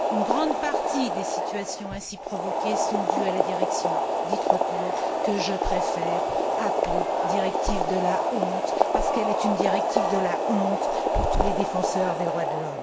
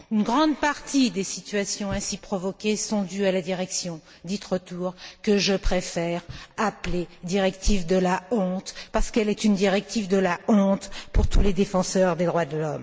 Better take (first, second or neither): second